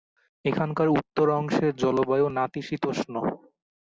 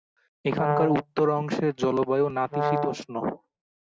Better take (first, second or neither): first